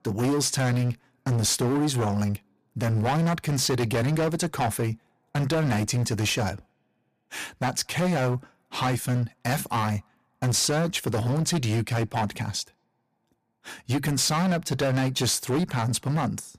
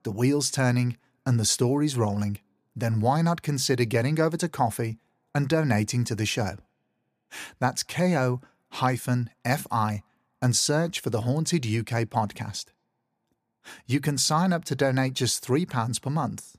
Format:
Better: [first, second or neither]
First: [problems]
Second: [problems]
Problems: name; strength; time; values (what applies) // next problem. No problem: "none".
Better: second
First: distortion; heavy; 19% of the sound clipped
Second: none